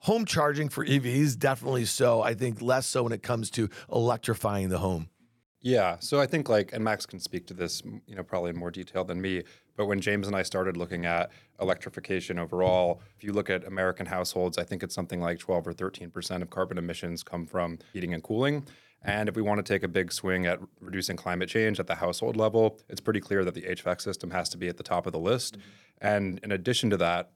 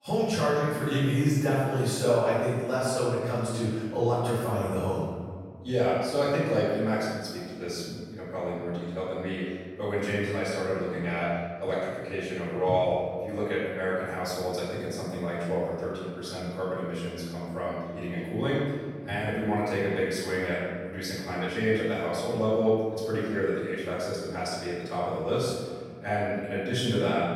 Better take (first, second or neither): first